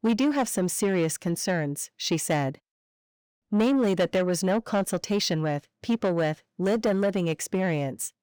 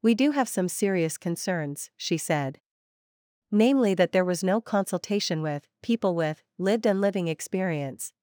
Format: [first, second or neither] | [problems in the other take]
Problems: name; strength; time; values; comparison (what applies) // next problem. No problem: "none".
second | distortion; slight; 10 dB below the speech